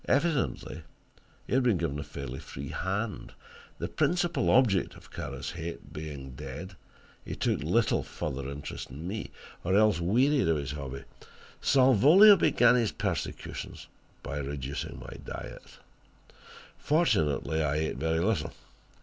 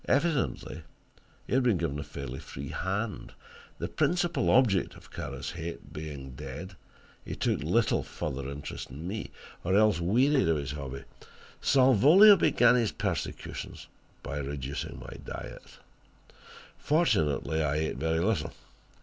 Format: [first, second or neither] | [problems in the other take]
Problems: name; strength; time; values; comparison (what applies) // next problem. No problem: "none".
first | background sound (Tap); 12 dB below the speech